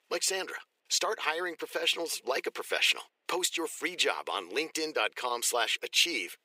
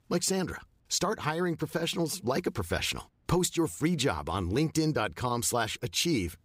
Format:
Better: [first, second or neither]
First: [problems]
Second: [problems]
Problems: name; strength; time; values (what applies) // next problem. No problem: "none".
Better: second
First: thin; very; fading below 450 Hz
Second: none